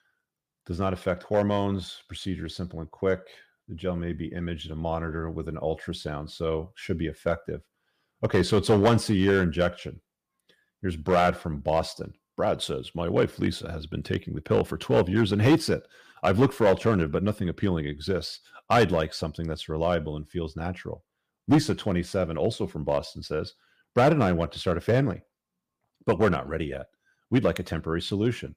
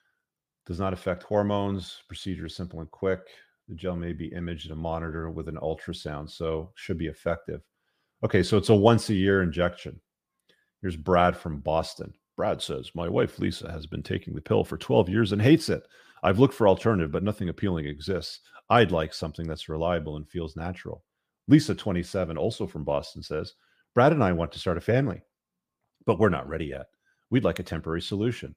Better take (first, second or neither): second